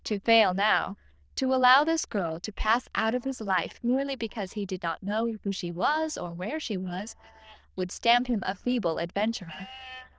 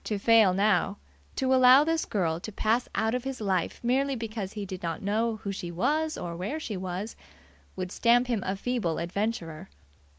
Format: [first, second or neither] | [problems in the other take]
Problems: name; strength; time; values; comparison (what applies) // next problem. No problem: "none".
second | noise reduction (neural diffusion model UNIVERSE++)